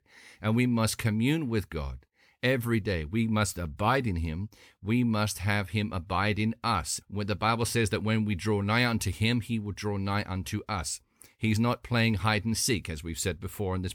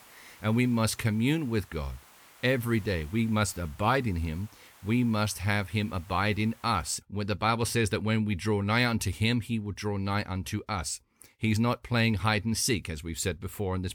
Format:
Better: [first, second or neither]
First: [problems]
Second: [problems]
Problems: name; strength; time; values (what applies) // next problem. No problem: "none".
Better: first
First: none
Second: hiss; faint; until 7 s; 25 dB below the speech